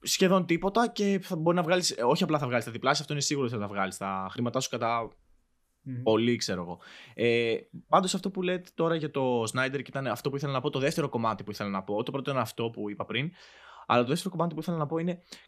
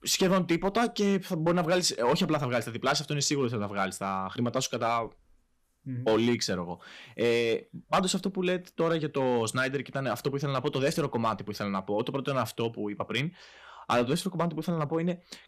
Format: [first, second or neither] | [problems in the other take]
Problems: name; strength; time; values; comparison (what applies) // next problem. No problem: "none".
first | distortion; slight; 3% of the sound clipped